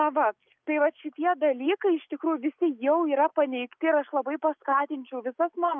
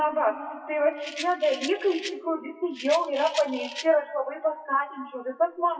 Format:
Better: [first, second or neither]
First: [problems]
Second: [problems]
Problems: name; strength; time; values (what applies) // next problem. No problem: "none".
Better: first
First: none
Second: noise reduction (classical method WPE with log-MMSE)